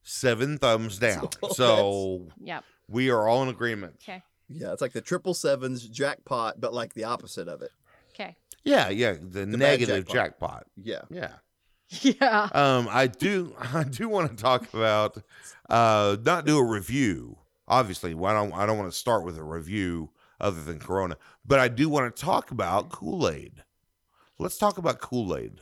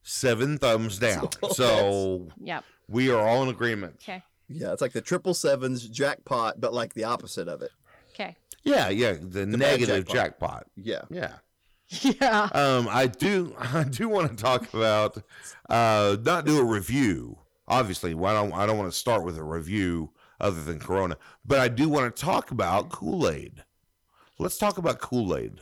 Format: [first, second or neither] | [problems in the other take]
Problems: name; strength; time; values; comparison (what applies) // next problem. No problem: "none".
first | distortion; slight; 10 dB below the speech